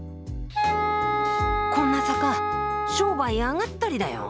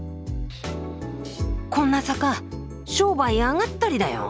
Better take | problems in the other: second | background sound (Wind instrument, woodwind instrument); 2 dB above the speech

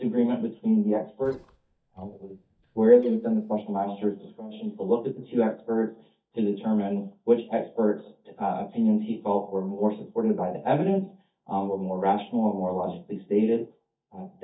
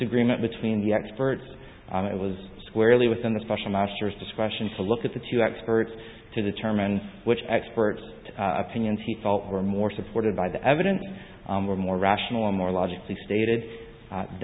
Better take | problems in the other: second | noise reduction (neural mask model DeepFilterNet 3)

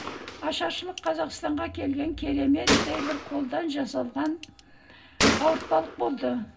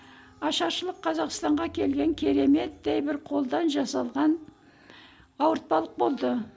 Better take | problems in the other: second | background sound (Gunshot, gunfire); 3 dB below the speech // room echo; dies away in 0.4 s

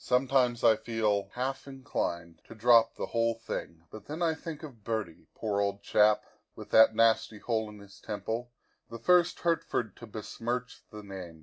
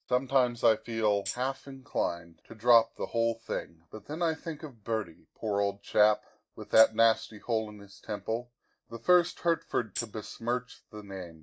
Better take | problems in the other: first | noise reduction (neural mask model DeepFilterNet 3)

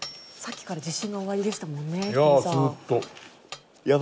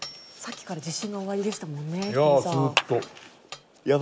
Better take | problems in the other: first | background sound (Clapping); 5 dB below the speech

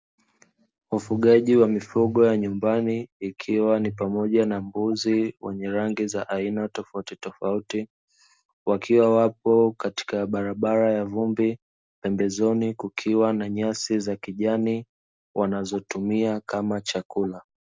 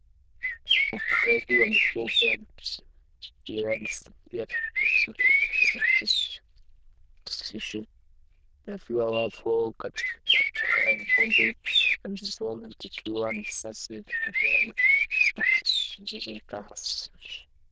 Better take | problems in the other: first | noise reduction (neural diffusion model UNIVERSE++)

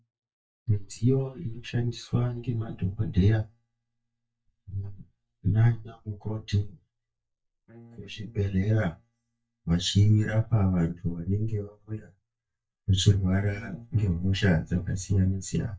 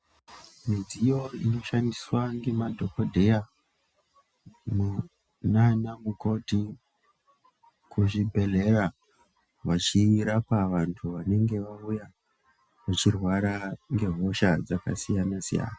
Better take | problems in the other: second | noise reduction (neural mask model DeepFilterNet 3)

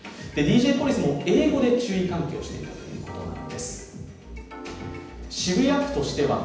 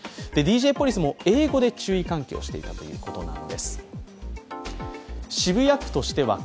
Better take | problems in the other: second | room echo; dies away in 0.9 s

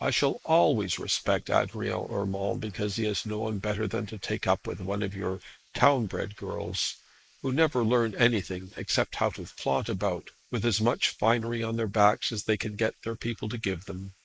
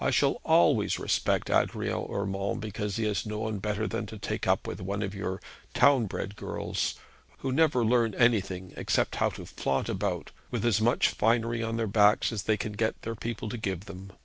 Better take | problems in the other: second | noise reduction (neural mask model Resemble Enhance denoiser)

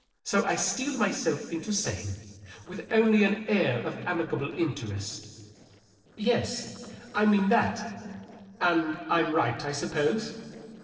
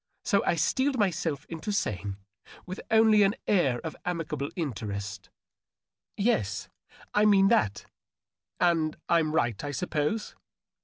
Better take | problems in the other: second | noise reduction (neural separator model SepFormer DNS4)

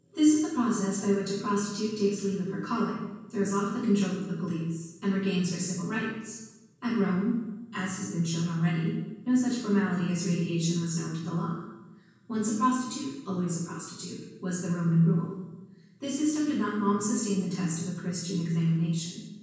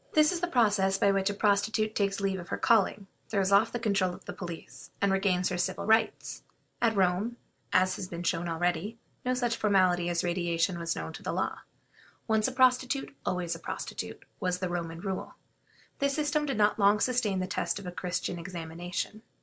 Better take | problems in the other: second | room echo; dies away in 1.2 s

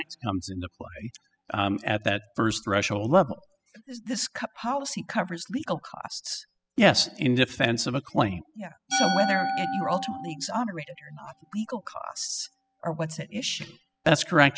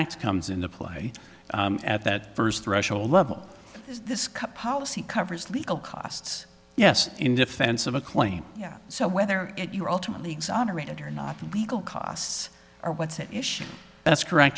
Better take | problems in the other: second | noise reduction (classical method spectral subtraction)

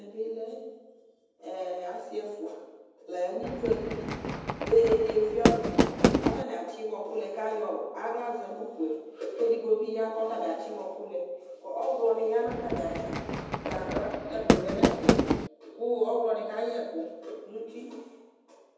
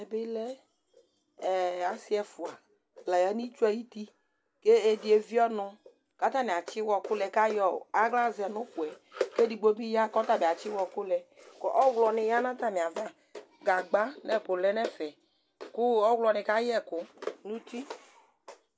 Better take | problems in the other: second | background sound (Fireworks); 4 dB above the speech // room echo; dies away in 1.1 s

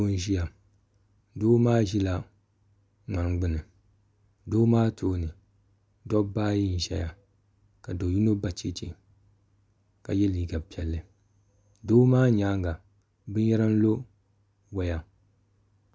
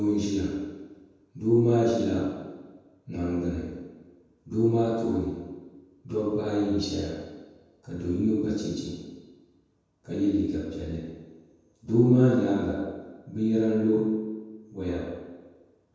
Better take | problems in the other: first | room echo; dies away in 1.2 s

